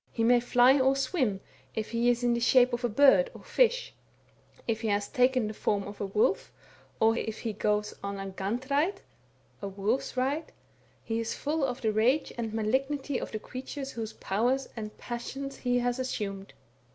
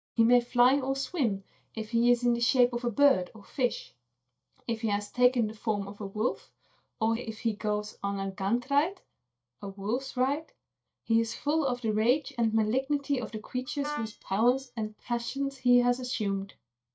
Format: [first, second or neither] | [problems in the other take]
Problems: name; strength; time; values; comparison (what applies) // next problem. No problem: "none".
first | noise reduction (neural mask model DeepFilterNet 3)